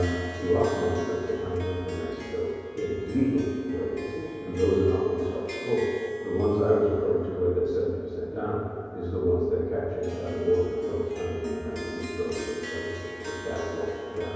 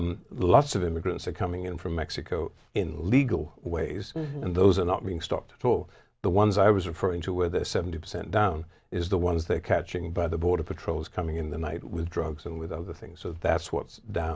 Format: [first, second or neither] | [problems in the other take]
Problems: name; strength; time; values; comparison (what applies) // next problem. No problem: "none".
second | background sound (Harp); 15 dB below the speech // room echo; dies away in 2.2 s